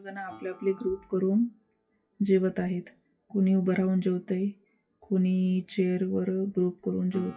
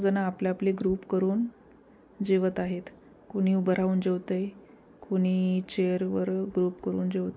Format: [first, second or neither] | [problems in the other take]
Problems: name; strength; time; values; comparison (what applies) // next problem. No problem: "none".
second | noise reduction (classical method WPE with log-MMSE)